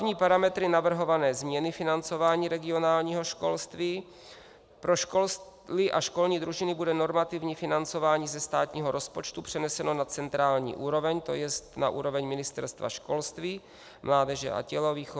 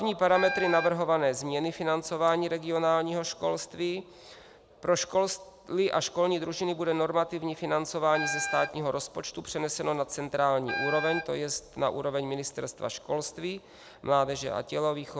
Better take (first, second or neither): first